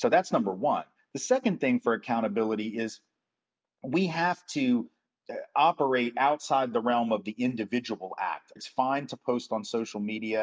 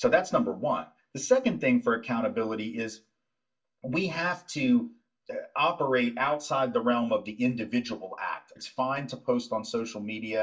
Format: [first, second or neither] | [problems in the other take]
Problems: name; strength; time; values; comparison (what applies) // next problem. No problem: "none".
first | room echo; dies away in 0.2 s